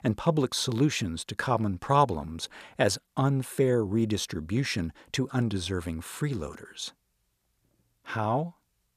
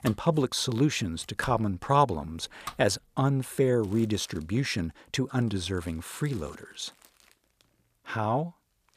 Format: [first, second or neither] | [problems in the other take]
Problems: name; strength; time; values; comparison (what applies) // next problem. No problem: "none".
first | household noises; faint; throughout; 20 dB below the speech